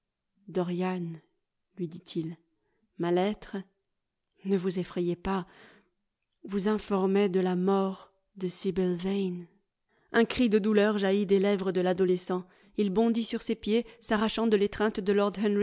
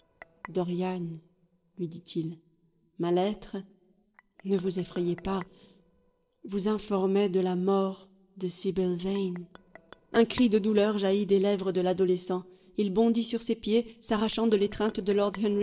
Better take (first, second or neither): first